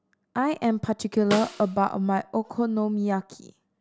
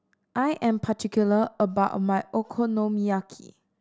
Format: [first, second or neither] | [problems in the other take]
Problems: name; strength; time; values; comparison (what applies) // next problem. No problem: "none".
second | background sound (Snare drum); 11 dB below the speech